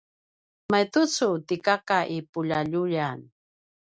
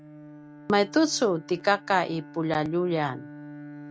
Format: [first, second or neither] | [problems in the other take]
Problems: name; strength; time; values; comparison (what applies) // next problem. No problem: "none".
first | background sound (Bowed string instrument); 18 dB below the speech